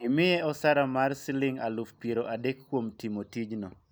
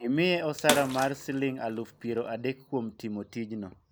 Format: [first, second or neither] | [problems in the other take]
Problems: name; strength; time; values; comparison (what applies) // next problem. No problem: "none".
first | background sound (Bathtub (filling or washing) / Water / Splash, splatter); 6 dB below the speech